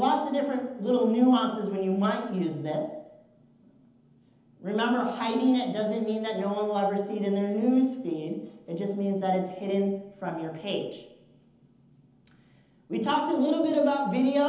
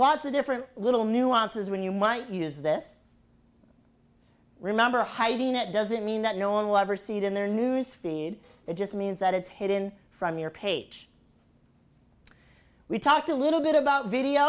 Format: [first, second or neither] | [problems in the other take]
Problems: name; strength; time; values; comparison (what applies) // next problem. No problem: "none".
second | room echo; dies away in 0.9 s